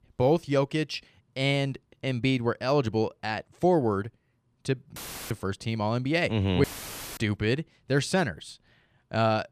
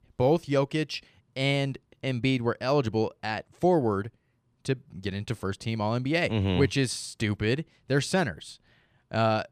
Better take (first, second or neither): second